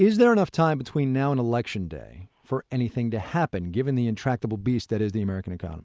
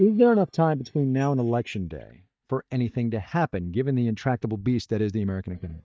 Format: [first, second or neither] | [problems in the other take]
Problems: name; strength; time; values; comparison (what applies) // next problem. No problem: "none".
first | noise reduction (neural mask model DeepFilterNet 3)